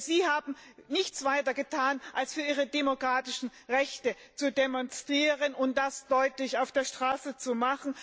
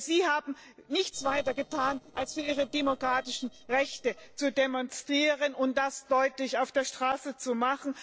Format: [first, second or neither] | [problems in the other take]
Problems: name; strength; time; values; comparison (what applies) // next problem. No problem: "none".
first | noise reduction (neural separator model SepFormer DNS4)